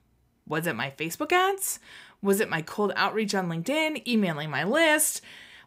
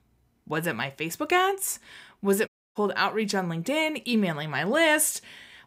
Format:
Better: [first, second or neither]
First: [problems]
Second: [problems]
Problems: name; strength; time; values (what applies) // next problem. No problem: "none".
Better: first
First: none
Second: audio cutting out; at 2.5 s